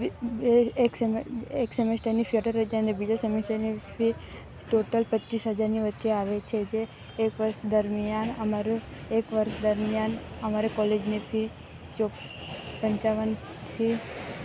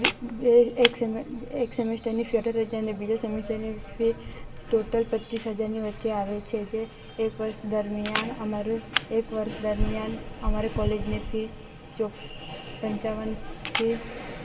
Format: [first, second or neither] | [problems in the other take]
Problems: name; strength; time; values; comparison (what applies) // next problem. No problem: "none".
first | background sound (Camera); 7 dB below the speech // room echo; dies away in 0.6 s